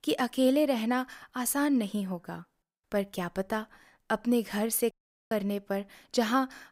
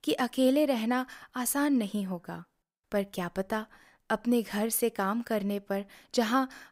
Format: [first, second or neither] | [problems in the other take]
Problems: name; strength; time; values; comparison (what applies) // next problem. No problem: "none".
second | audio cutting out; at 5 s